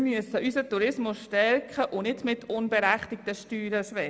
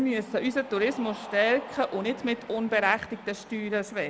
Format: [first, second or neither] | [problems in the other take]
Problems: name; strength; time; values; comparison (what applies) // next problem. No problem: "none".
first | background sound (Cheering); 17 dB below the speech